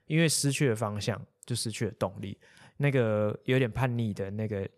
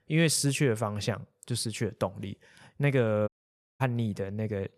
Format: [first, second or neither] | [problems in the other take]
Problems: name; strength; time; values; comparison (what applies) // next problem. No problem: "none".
first | audio cutting out; at 3.5 s for 0.5 s